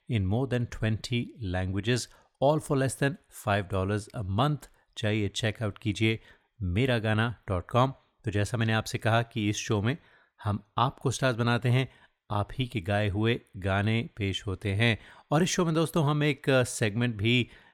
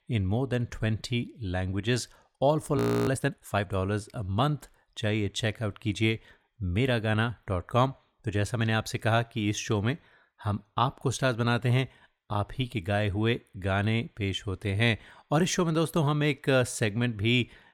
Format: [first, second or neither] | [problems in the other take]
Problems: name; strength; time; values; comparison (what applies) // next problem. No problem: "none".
first | audio freezing; at 3 s